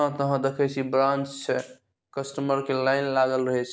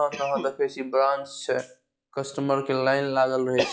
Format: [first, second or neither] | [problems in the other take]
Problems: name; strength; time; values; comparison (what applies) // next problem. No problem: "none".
first | noise reduction (classical method log-MMSE)